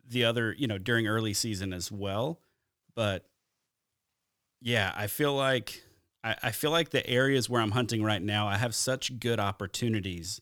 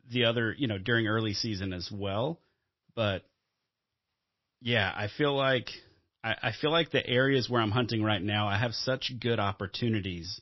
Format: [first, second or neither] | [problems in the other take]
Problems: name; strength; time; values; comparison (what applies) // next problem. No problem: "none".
first | garbled, watery; slightly; nothing above 5.5 kHz